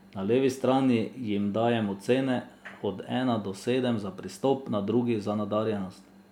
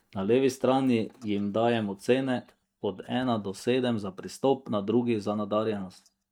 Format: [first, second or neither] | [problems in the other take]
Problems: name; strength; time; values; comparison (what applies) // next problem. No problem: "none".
first | noise reduction (neural mask model DeepFilterNet 3)